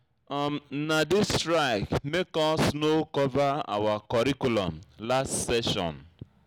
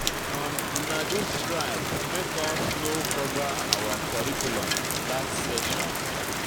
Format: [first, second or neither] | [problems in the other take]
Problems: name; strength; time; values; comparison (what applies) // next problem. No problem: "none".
first | background sound (Rain); 4 dB above the speech